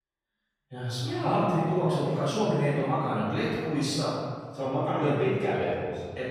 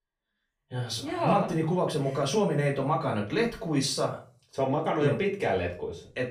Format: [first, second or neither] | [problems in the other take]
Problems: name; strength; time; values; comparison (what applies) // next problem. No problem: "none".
second | room echo; strong; dies away in 1.7 s; slight in the second // off-mic speech; far; far in the second